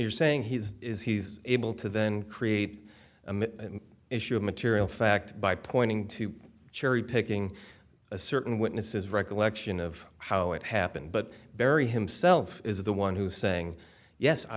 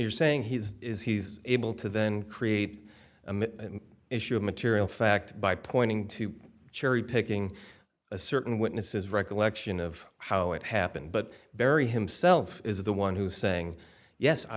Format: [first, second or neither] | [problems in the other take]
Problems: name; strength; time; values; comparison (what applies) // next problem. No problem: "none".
first | noise reduction (neural mask model Resemble Enhance denoiser)